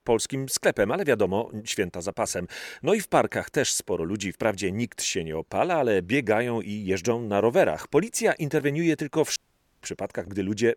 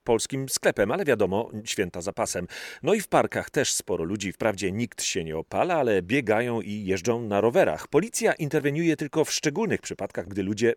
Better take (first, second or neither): second